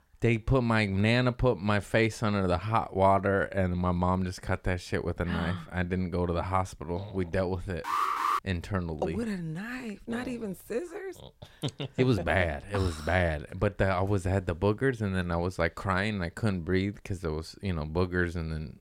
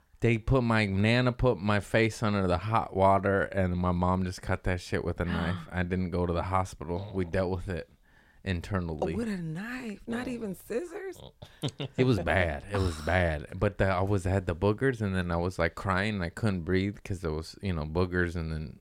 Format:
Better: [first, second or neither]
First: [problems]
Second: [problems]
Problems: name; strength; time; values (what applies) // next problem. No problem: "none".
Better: second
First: alarm; loud; at 8 s; peak 2 dB above the speech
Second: none